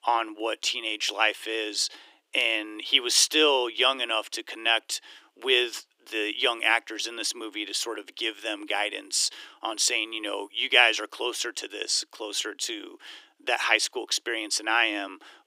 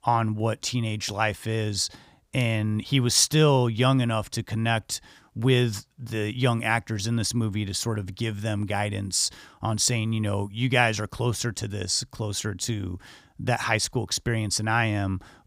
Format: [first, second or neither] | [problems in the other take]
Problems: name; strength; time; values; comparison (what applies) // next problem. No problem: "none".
second | thin; very; fading below 300 Hz